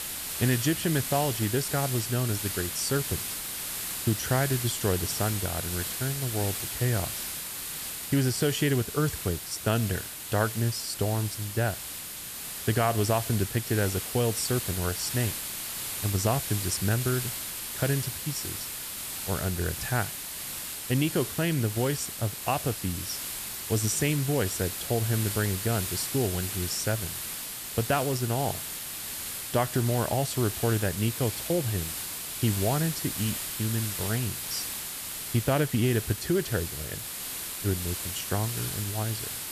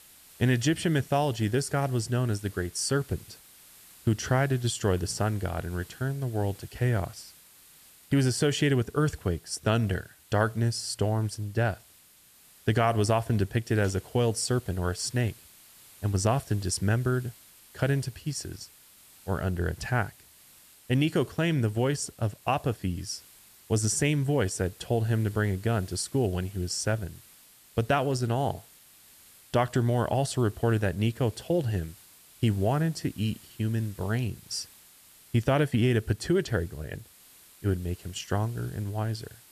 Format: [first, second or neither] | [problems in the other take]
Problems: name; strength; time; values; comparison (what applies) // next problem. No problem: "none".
second | hiss; loud; throughout; 3 dB below the speech; faint in the second